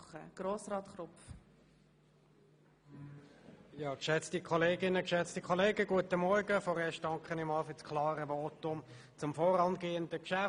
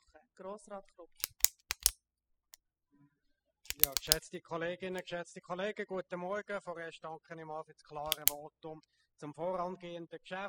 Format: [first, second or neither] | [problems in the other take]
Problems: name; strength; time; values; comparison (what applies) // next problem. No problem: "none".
first | noise reduction (classical method spectral subtraction)